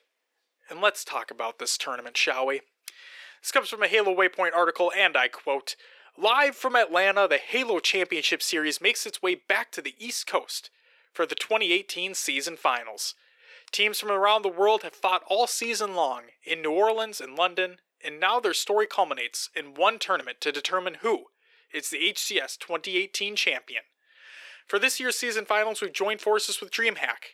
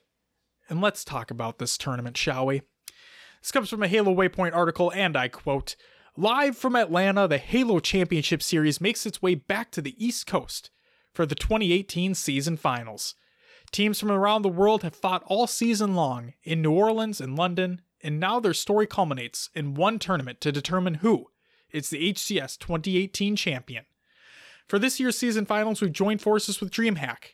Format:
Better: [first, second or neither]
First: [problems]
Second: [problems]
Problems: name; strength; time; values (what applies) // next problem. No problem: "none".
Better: second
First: thin; very; fading below 400 Hz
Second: none